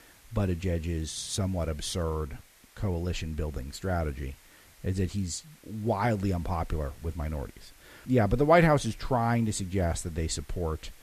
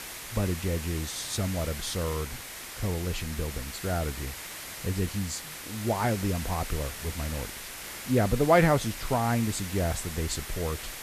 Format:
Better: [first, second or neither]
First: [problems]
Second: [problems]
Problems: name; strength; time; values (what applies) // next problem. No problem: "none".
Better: first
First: hiss; faint; throughout; 25 dB below the speech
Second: hiss; loud; throughout; 8 dB below the speech